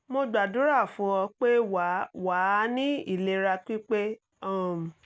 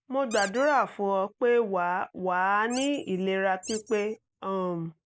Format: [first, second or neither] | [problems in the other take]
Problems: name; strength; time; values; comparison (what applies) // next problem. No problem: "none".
first | noise reduction (neural mask model Resemble Enhance denoiser)